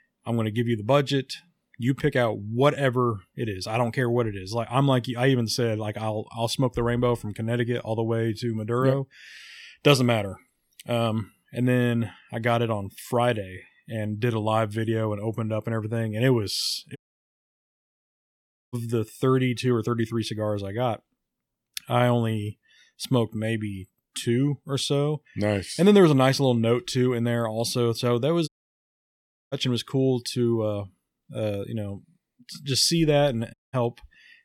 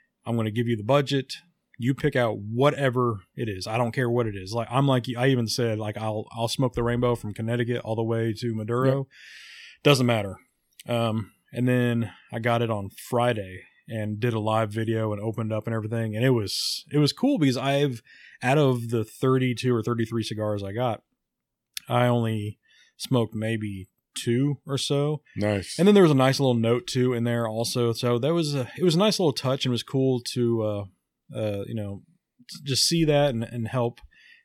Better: second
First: audio cutting out; at 17 s for 2 s, at 28 s for 1 s and at 34 s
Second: none

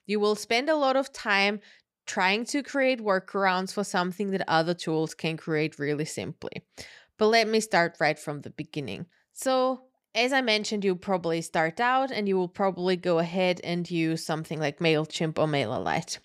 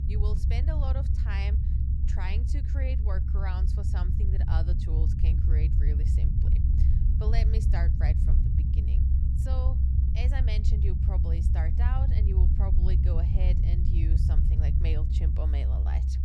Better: first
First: none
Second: low rumble; loud; throughout; 1 dB below the speech

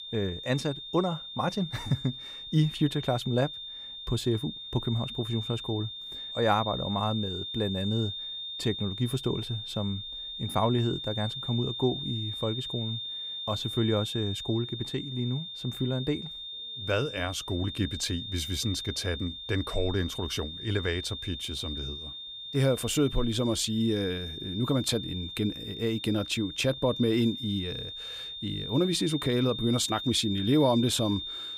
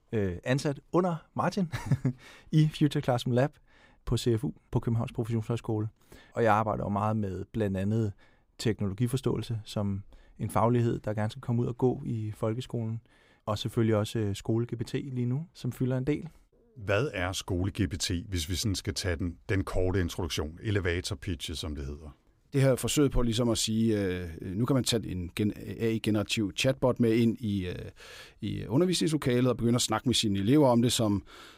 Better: second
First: high-pitched whine; loud; throughout; 3.5 kHz, 6 dB below the speech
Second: none

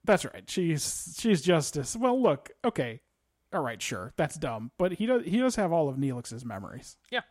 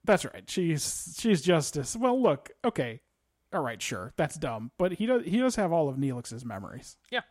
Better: neither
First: none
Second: none

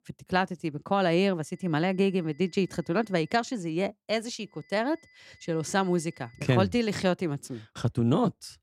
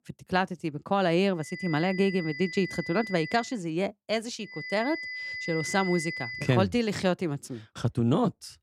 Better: first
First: high-pitched whine; faint; from 1.5 to 3.5 s and from 4.5 to 6.5 s; 2 kHz, 30 dB below the speech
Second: high-pitched whine; loud; from 1.5 to 3.5 s and from 4.5 to 6.5 s; 2 kHz, 8 dB below the speech

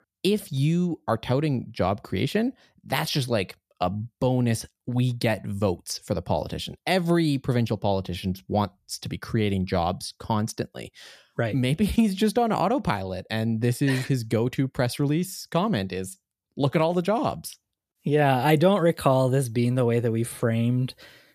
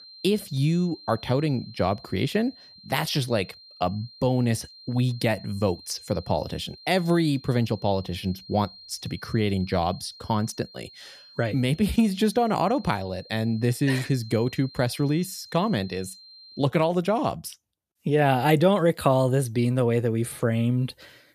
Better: first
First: none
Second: high-pitched whine; faint; until 17 s; 4 kHz, 20 dB below the speech

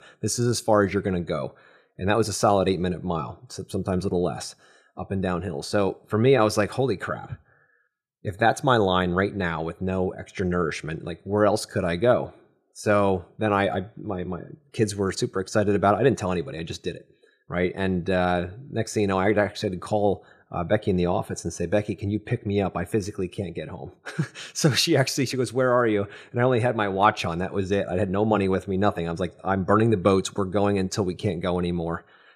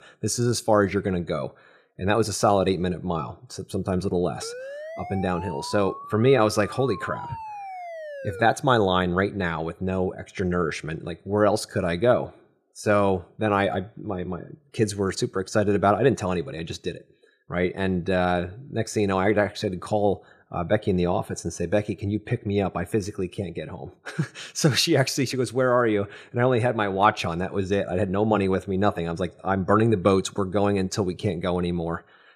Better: first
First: none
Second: siren; faint; from 4.5 to 8.5 s; peak 10 dB below the speech

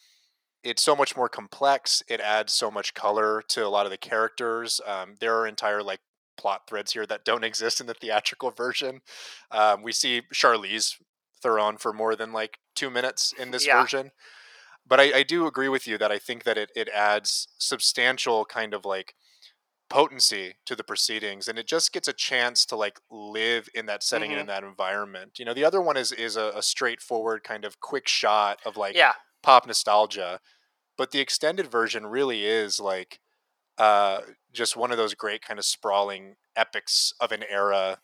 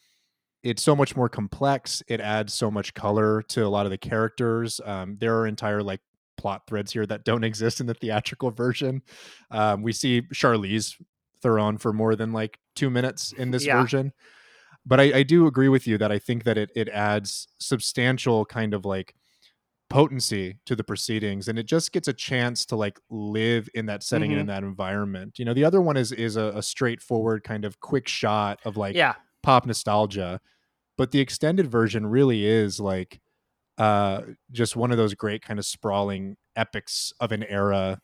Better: second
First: thin; very; fading below 700 Hz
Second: none

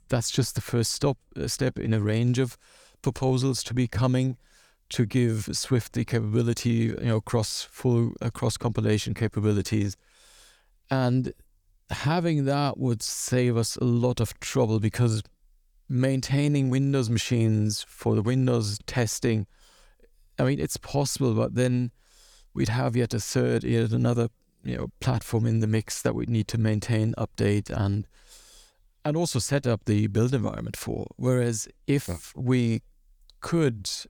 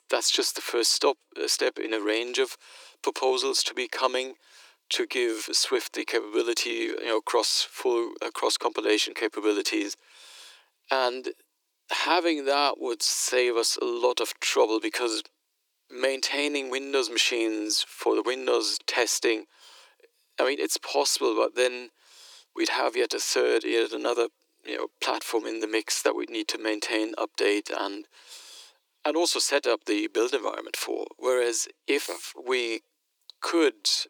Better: first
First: none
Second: thin; very; fading below 300 Hz

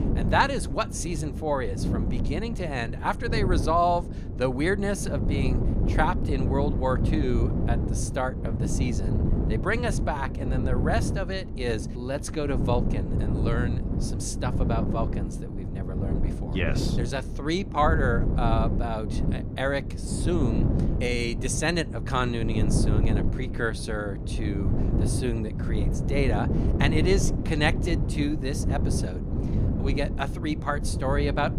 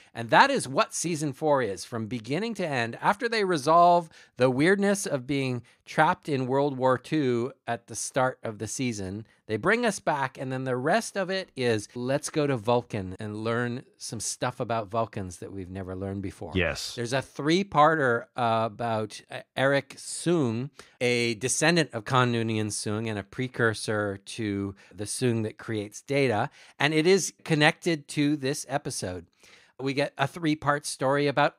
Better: second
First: wind noise on the microphone; heavy; 8 dB below the speech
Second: none

